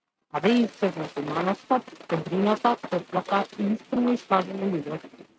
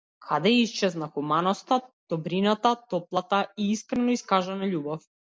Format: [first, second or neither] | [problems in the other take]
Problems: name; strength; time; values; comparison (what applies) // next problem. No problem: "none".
second | noise reduction (neural mask model RNNoise)